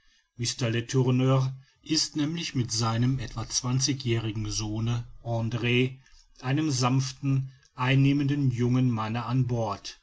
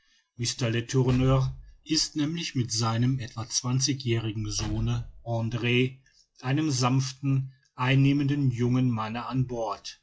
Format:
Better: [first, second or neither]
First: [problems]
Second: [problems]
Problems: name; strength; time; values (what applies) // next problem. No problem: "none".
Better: first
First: none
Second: noise reduction (classical method log-MMSE)